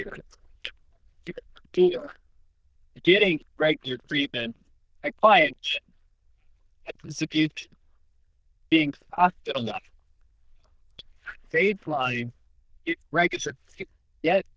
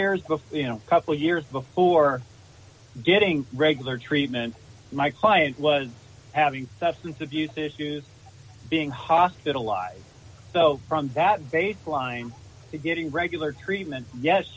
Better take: second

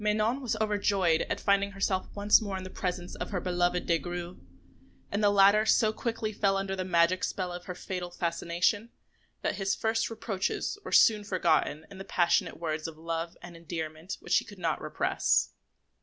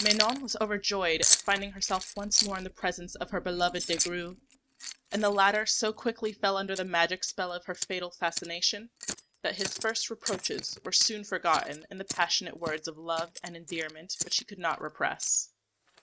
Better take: first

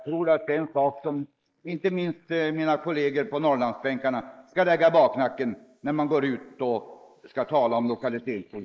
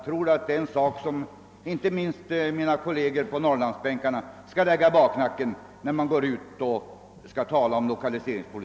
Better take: second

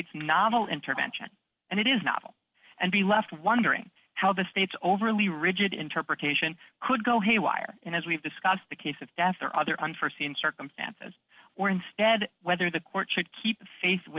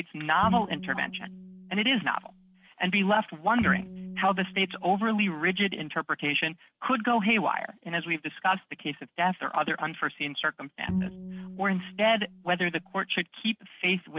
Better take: first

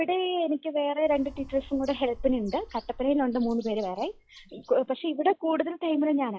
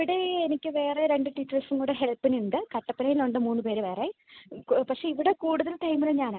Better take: second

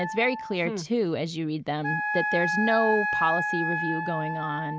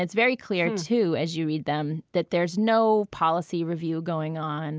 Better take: second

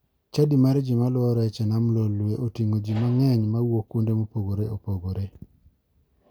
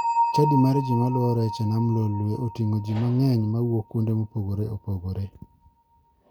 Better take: first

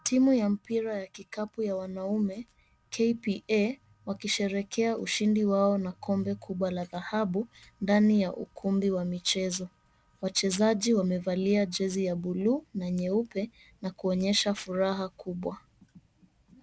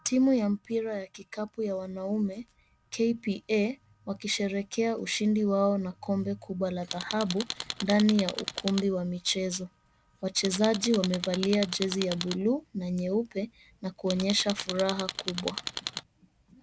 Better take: first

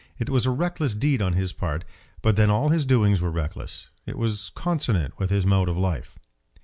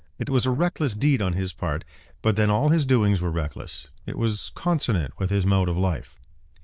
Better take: first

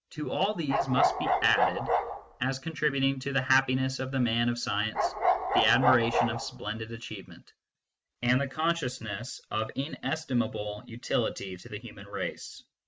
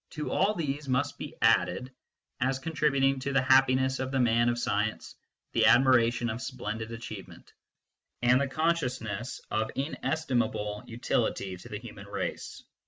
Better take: second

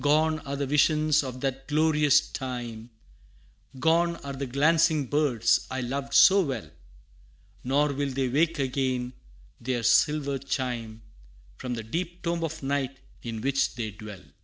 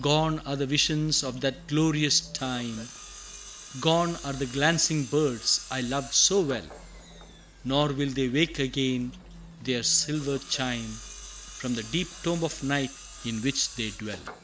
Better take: first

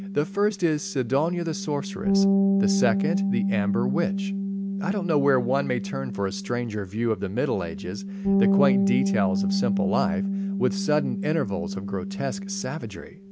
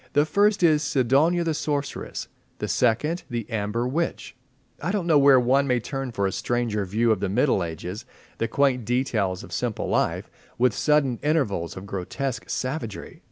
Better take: second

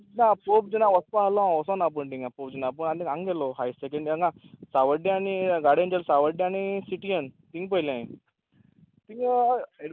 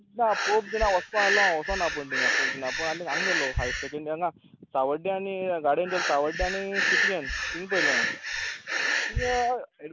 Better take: first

